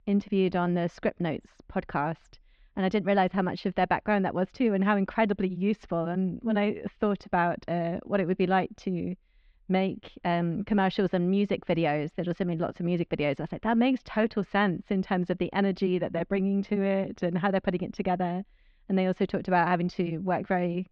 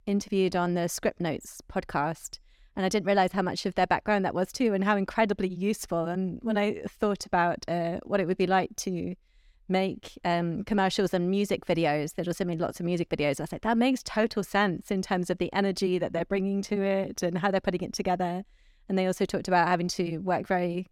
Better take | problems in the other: second | muffled; slightly; fading above 3.5 kHz

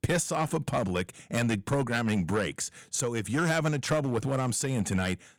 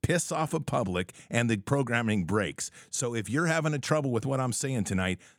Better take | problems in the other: second | distortion; slight; 5% of the sound clipped

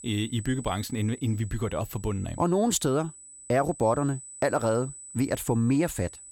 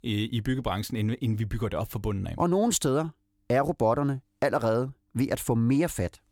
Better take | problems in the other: second | high-pitched whine; noticeable; throughout; 8 kHz, 15 dB below the speech

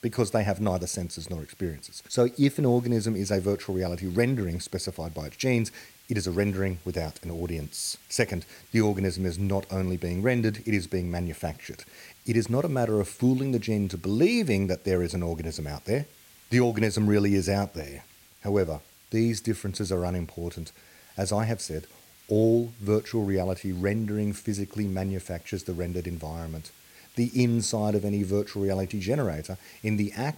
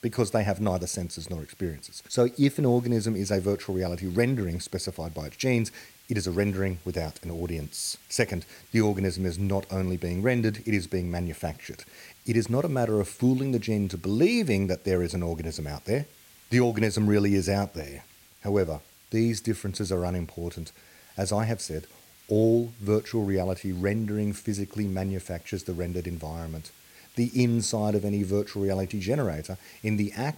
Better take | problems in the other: neither | hiss; faint; throughout; 25 dB below the speech; the same in both

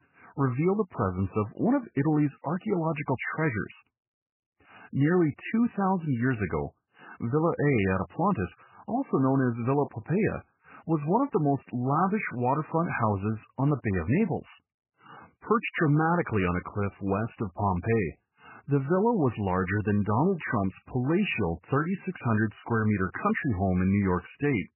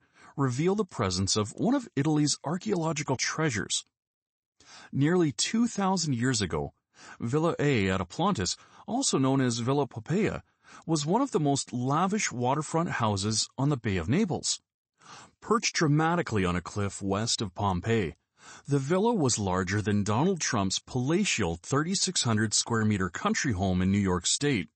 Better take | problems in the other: second | garbled, watery; badly; nothing above 3 kHz; slightly in the second

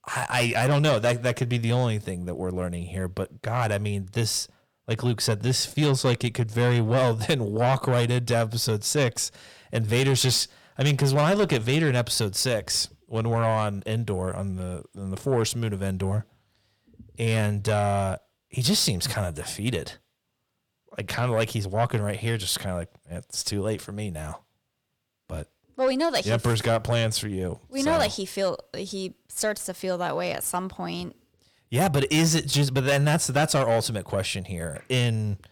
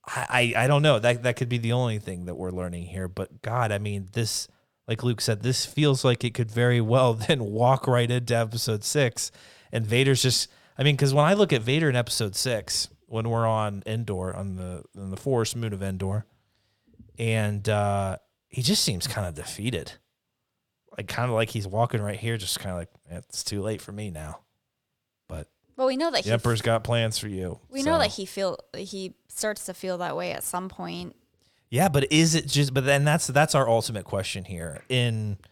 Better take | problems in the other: second | distortion; slight; 10 dB below the speech

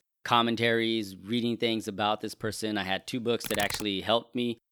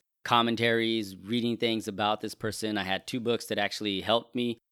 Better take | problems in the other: second | keyboard typing; noticeable; at 3.5 s; peak 5 dB below the speech

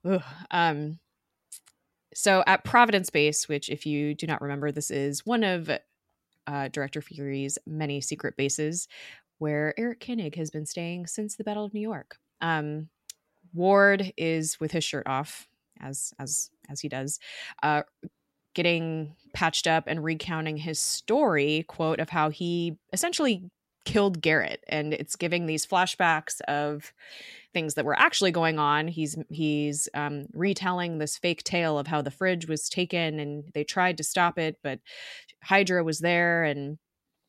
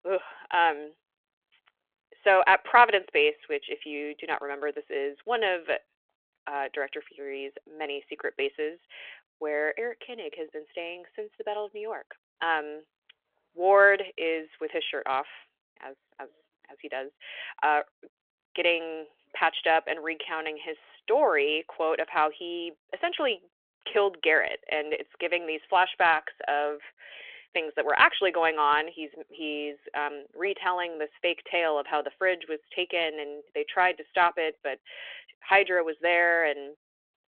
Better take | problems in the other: first | phone-call audio

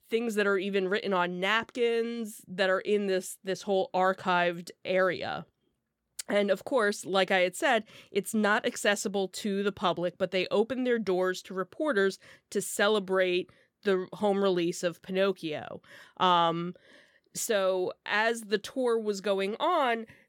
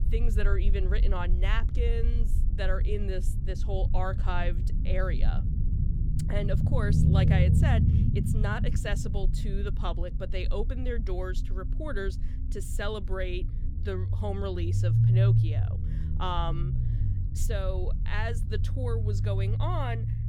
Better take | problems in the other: first | low rumble; loud; throughout; 6 dB below the speech

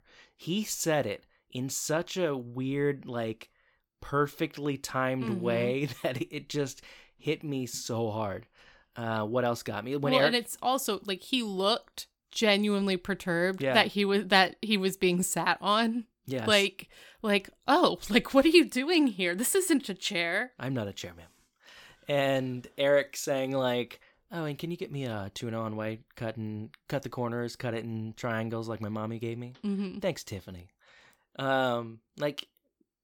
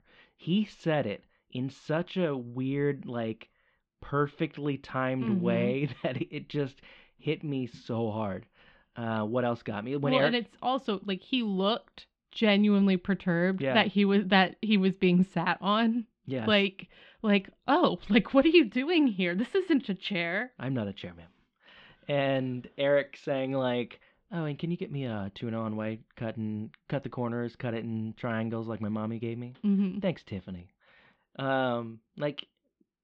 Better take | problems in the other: first | muffled; slightly; fading above 3 kHz

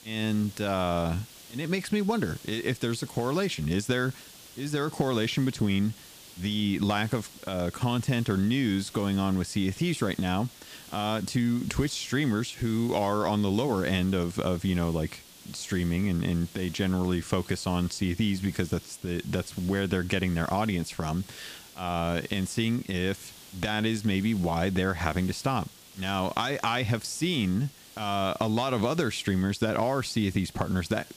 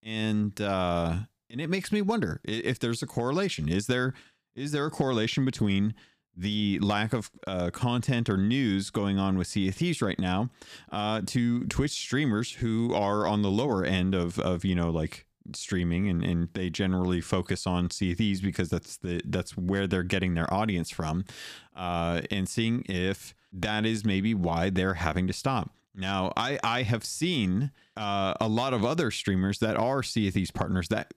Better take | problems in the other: second | hiss; noticeable; throughout; 20 dB below the speech

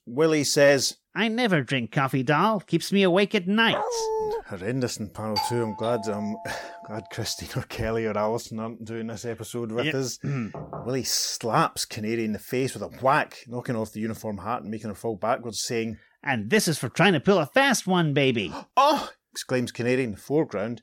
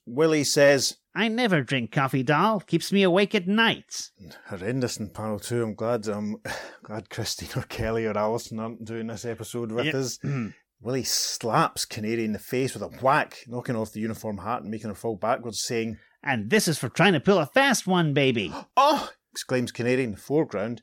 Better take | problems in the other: second | dog barking; noticeable; at 3.5 s; peak 2 dB below the speech // doorbell; noticeable; from 5.5 to 6.5 s; peak 4 dB below the speech // door banging; faint; at 11 s; peak 15 dB below the speech

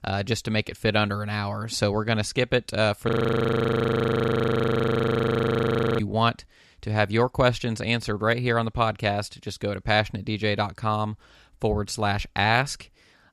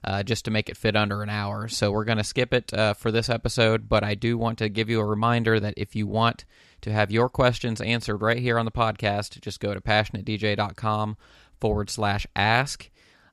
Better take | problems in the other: second | audio freezing; at 3 s for 3 s

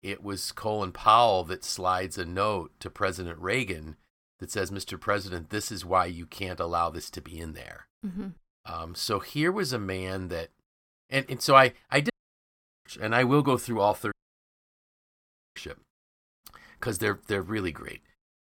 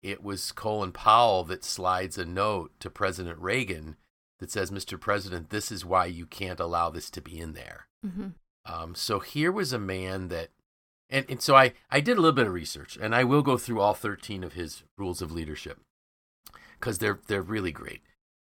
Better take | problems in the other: second | audio cutting out; at 12 s for 1 s and at 14 s for 1.5 s

